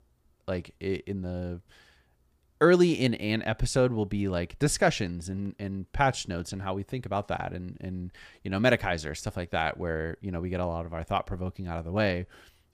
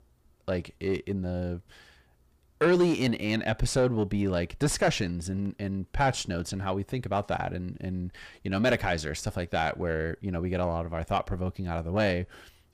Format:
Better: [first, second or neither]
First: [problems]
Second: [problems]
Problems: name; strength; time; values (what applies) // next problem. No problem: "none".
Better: first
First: none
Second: distortion; slight; 9 dB below the speech